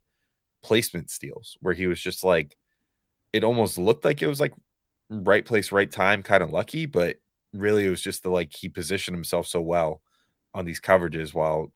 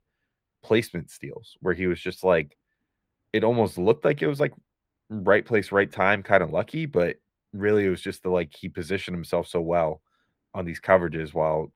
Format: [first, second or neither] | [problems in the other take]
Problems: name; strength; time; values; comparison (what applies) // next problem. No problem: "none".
first | muffled; slightly; fading above 3.5 kHz